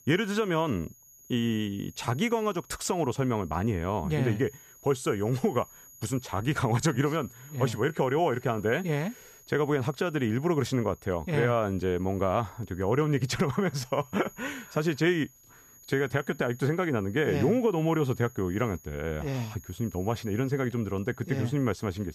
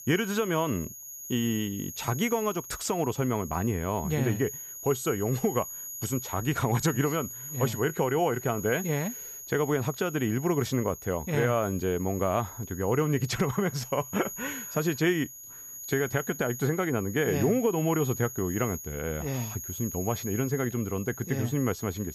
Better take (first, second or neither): first